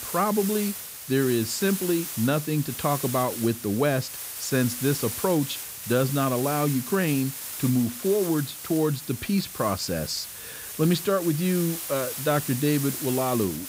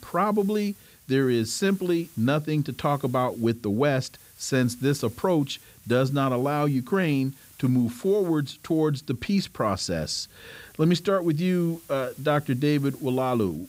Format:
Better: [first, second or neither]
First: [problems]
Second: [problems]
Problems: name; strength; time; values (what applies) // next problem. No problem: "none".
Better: second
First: hiss; loud; throughout; 7 dB below the speech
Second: hiss; faint; throughout; 25 dB below the speech